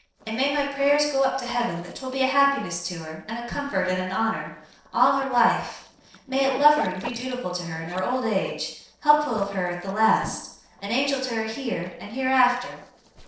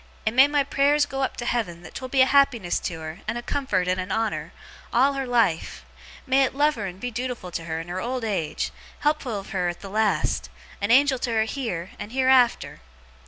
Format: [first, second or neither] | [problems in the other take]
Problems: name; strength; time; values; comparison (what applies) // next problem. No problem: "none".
second | noise reduction (neural separator model SepFormer DNS4)